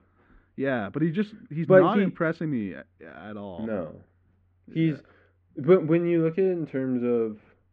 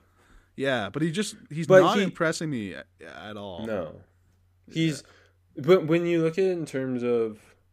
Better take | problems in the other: second | muffled; very; fading above 2.5 kHz

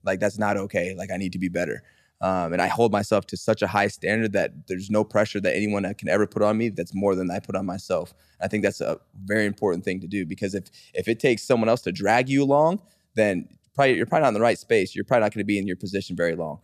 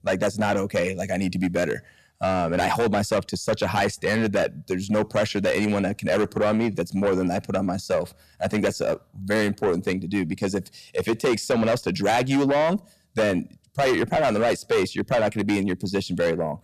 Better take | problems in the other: first | distortion; heavy; 7 dB below the speech

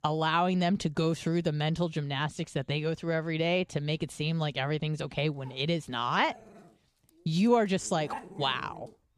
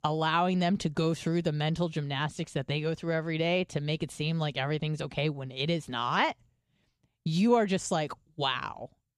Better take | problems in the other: second | animal sounds; noticeable; throughout; 20 dB below the speech

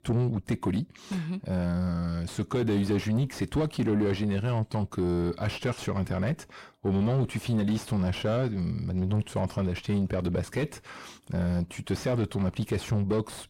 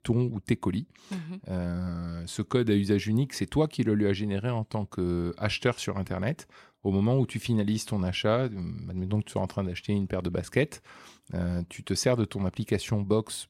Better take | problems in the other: second | distortion; heavy; 7 dB below the speech

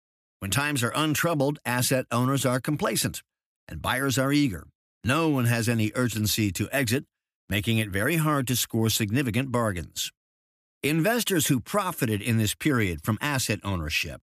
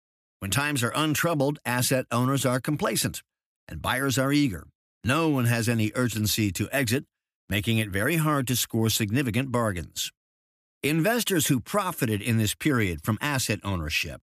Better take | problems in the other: neither | none

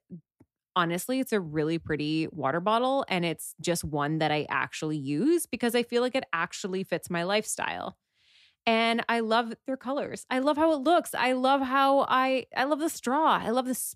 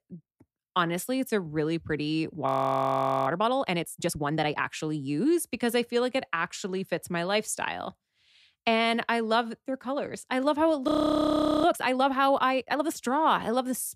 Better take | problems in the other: first | audio freezing; at 2.5 s for 1 s and at 11 s for 1 s

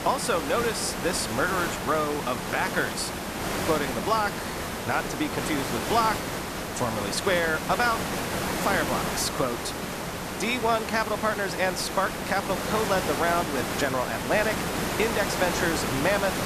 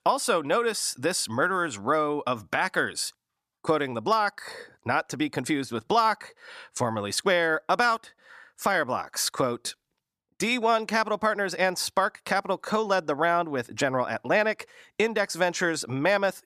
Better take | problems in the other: second | hiss; loud; throughout; 2 dB below the speech

